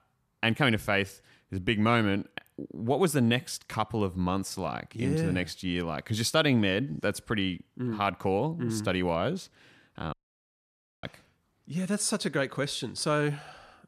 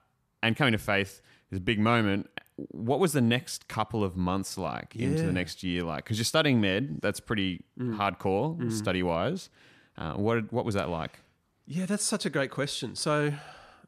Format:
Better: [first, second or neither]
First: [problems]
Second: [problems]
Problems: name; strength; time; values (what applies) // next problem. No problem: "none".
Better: second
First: audio cutting out; at 10 s for 1 s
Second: none